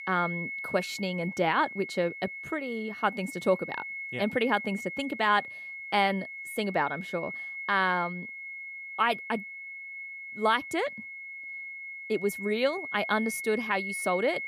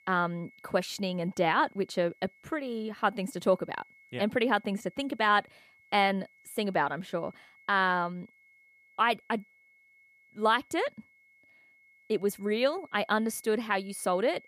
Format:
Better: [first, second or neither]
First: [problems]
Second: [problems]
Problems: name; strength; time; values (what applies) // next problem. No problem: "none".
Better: second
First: high-pitched whine; loud; throughout; 2 kHz, 8 dB below the speech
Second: high-pitched whine; faint; throughout; 2 kHz, 30 dB below the speech